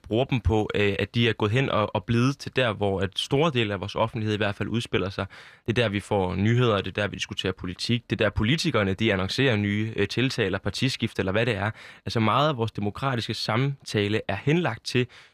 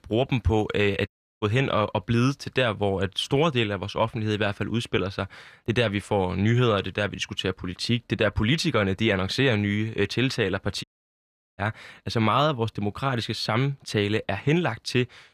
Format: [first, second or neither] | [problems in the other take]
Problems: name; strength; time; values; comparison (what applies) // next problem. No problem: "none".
first | audio cutting out; at 1 s and at 11 s for 0.5 s